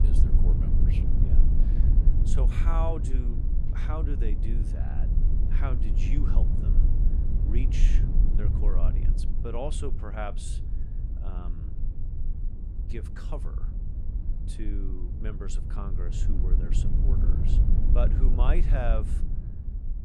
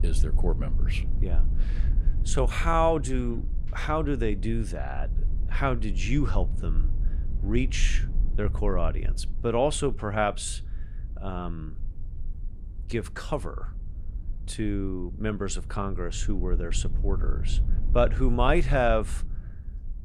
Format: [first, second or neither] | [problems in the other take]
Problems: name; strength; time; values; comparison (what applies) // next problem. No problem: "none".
second | low rumble; loud; throughout; 5 dB below the speech; faint in the second